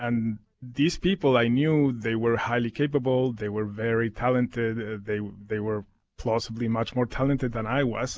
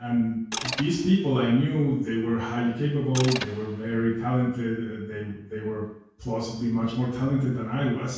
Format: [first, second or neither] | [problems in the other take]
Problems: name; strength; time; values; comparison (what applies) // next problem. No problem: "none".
first | background sound (Mechanisms); 12 dB below the speech // room echo; dies away in 0.6 s